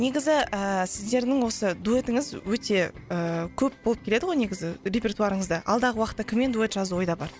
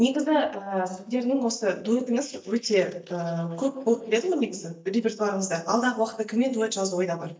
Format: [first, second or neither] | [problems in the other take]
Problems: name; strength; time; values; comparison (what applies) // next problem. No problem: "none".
first | noise reduction (neural mask model DeepFilterNet 3)